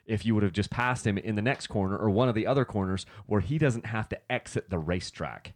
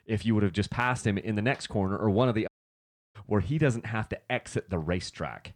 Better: first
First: none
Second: audio cutting out; at 2.5 s for 0.5 s

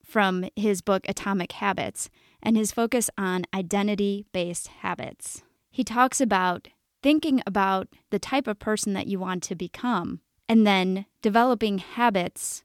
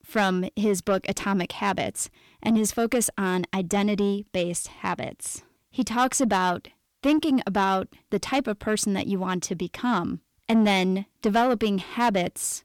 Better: first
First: none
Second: distortion; slight; 10 dB below the speech

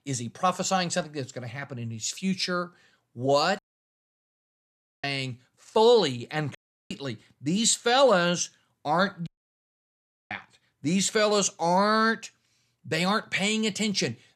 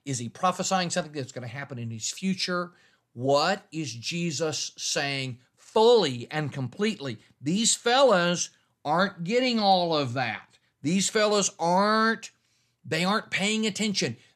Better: second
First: audio cutting out; at 3.5 s for 1.5 s, at 6.5 s and at 9.5 s for 1 s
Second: none

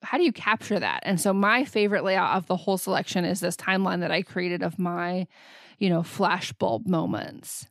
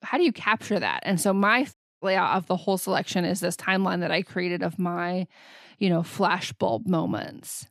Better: first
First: none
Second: audio cutting out; at 1.5 s

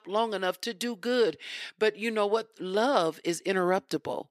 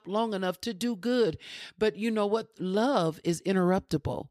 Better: second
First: thin; somewhat; fading below 300 Hz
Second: none

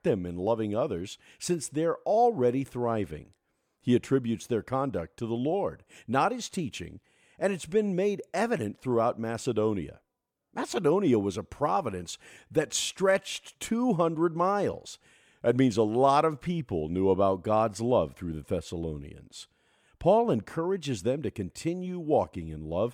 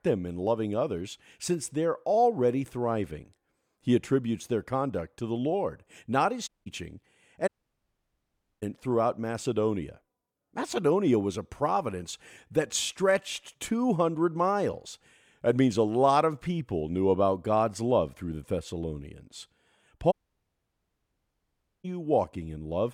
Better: first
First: none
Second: audio cutting out; at 6.5 s, at 7.5 s for 1 s and at 20 s for 1.5 s

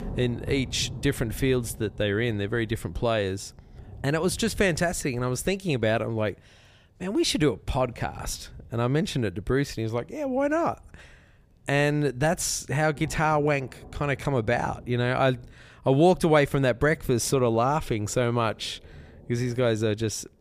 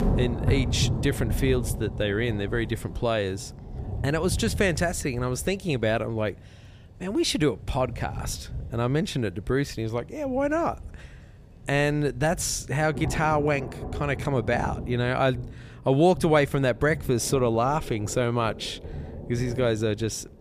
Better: first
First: rain or running water; faint; throughout; 20 dB below the speech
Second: rain or running water; loud; throughout; 9 dB below the speech

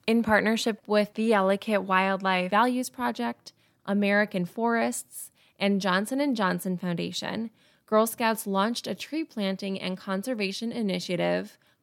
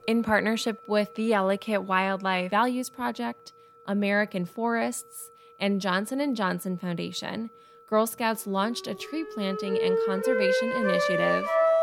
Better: first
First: none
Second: background music; very loud; throughout; 1 dB above the speech

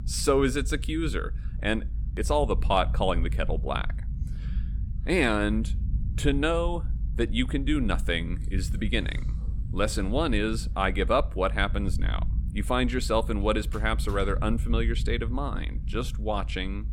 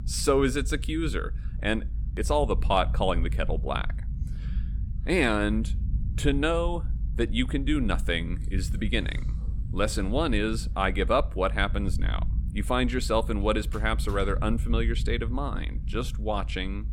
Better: neither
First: low rumble; faint; throughout; 20 dB below the speech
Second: low rumble; faint; throughout; 20 dB below the speech

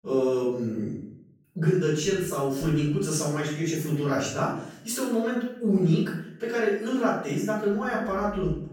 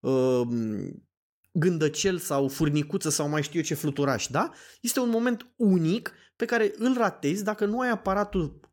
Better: second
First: room echo; noticeable; dies away in 0.6 s // off-mic speech; far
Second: none

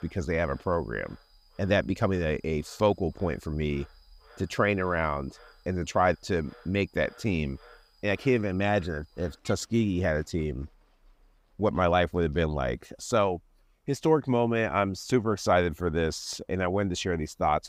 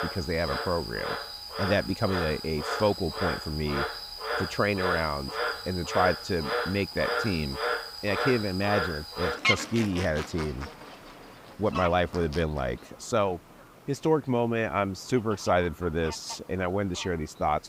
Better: first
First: animal sounds; faint; throughout; 30 dB below the speech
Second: animal sounds; loud; throughout; 3 dB below the speech

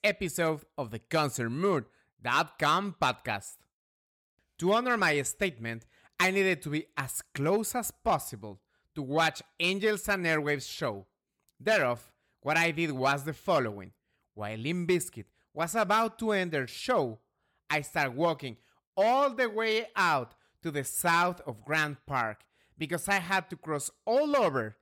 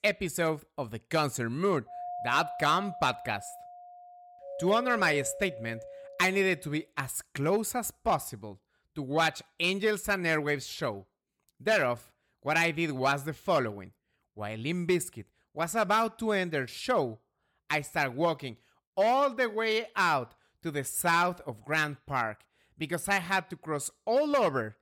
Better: first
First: none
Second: doorbell; noticeable; from 2 to 6.5 s; peak 8 dB below the speech

